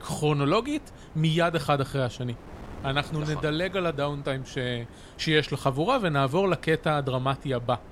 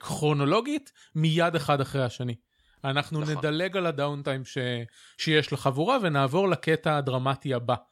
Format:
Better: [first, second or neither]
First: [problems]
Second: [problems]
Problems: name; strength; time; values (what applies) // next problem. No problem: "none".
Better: second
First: wind noise on the microphone; occasional gusts; 20 dB below the speech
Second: none